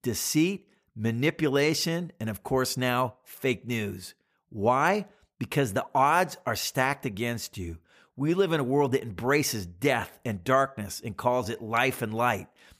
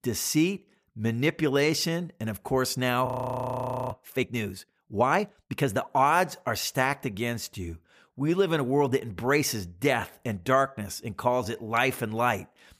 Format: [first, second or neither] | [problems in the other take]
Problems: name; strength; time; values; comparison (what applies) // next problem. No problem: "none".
first | audio freezing; at 3 s for 1 s